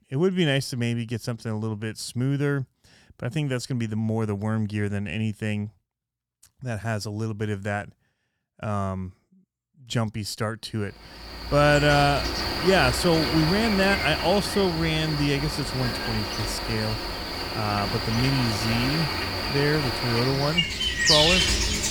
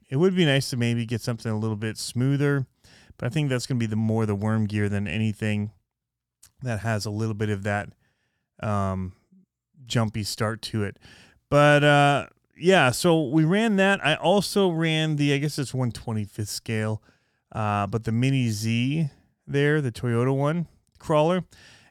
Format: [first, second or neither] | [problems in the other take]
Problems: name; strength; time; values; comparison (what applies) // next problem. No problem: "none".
second | animal sounds; very loud; from 11 s on; as loud as the speech